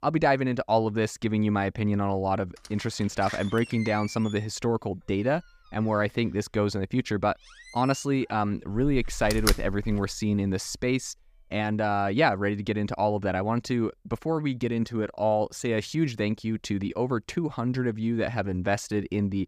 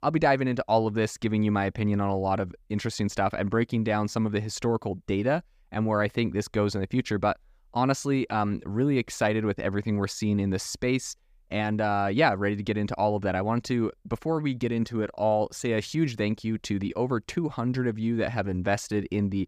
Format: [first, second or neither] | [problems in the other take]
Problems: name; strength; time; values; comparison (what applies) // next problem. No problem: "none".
second | door banging; loud; from 3.5 to 10 s; peak level with the speech